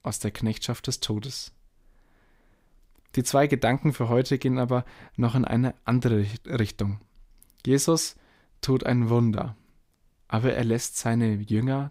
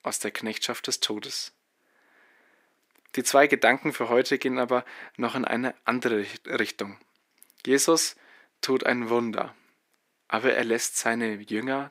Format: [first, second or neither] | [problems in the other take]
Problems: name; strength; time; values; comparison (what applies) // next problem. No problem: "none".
first | thin; somewhat; fading below 300 Hz